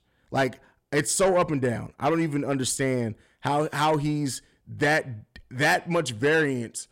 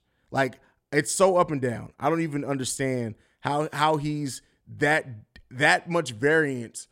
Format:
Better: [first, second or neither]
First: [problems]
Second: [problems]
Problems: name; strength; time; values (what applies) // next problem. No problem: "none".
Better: second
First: distortion; slight; 10 dB below the speech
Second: none